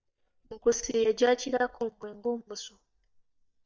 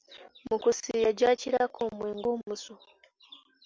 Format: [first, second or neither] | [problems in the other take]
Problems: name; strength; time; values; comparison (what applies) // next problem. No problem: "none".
second | noise reduction (neural mask model DeepFilterNet 3)